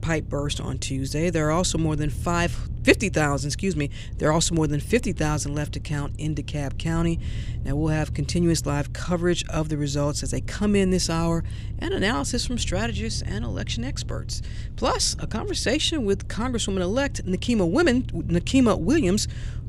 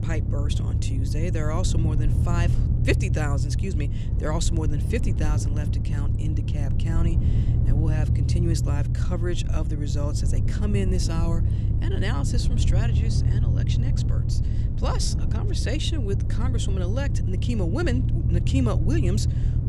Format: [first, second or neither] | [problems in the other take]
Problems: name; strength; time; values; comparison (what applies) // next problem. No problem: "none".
first | low rumble; loud; throughout; 4 dB below the speech; faint in the first